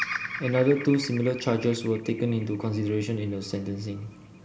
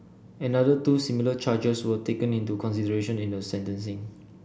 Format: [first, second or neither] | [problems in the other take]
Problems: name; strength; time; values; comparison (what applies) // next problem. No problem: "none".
second | background sound (Bird vocalization, bird call, bird song); 12 dB below the speech